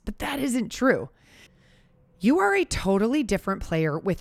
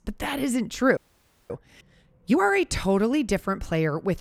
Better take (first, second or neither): first